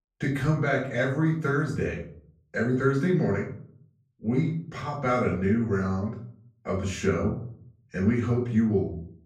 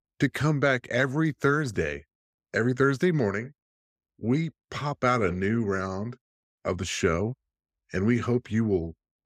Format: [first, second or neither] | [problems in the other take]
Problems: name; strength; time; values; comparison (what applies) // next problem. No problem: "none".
second | off-mic speech; far // room echo; noticeable; dies away in 0.5 s